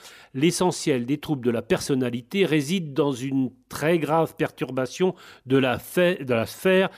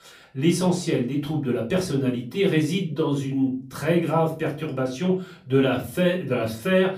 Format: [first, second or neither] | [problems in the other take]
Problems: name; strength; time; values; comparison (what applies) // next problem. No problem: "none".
first | off-mic speech; far // room echo; slight; dies away in 0.3 s